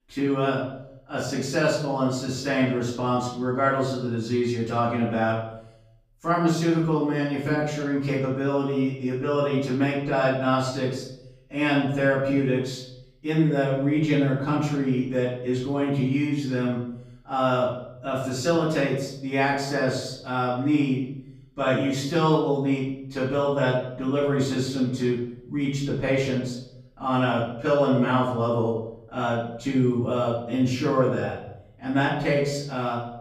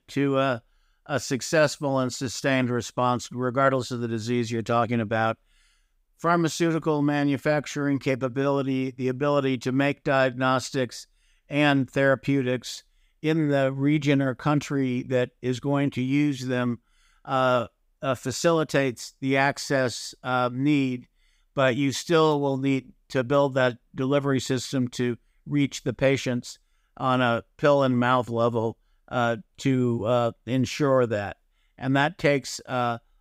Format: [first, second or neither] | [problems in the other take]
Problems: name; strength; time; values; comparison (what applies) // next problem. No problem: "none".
second | off-mic speech; far // room echo; noticeable; dies away in 0.7 s